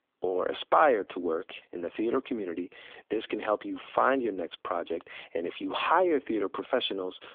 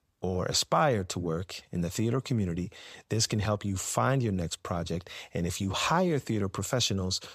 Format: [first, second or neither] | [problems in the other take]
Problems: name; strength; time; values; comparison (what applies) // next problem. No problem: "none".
second | phone-call audio; nothing above 3.5 kHz